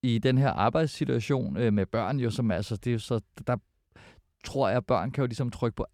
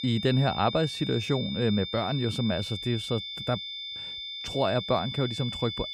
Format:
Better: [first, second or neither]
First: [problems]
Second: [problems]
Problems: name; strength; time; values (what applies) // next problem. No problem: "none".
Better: first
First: none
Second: high-pitched whine; loud; throughout; 3.5 kHz, 6 dB below the speech